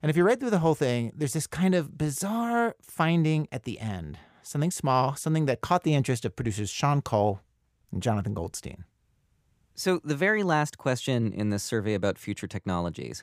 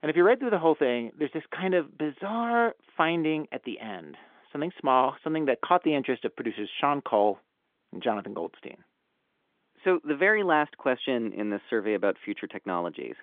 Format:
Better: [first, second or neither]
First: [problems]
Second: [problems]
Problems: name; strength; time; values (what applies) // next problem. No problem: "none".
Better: first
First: none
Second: phone-call audio; nothing above 3.5 kHz